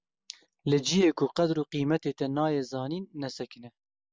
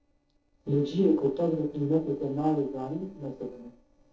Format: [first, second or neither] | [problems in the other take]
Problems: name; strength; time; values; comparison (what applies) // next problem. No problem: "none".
first | noise reduction (neural separator model SepFormer DNS4)